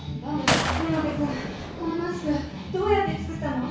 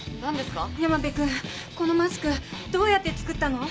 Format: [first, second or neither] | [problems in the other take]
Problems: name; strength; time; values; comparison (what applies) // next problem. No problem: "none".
second | background sound (Gunshot, gunfire); 4 dB below the speech // room echo; dies away in 0.6 s